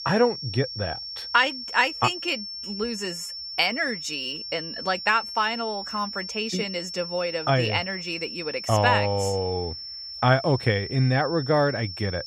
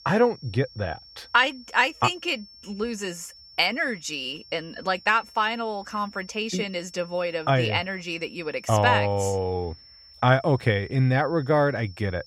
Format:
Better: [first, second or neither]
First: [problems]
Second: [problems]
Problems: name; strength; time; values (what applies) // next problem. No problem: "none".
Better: second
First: high-pitched whine; loud; throughout; 5.5 kHz, 8 dB below the speech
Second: high-pitched whine; faint; throughout; 5.5 kHz, 20 dB below the speech